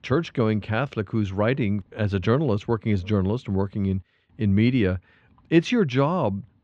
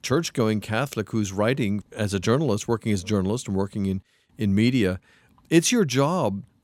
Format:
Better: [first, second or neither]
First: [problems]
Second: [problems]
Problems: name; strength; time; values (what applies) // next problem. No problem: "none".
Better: second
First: muffled; slightly; fading above 3 kHz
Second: none